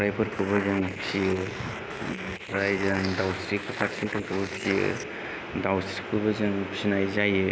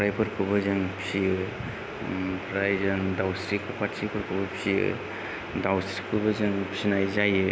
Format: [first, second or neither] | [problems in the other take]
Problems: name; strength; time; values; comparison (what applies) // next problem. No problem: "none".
second | noise reduction (neural mask model Resemble Enhance denoiser)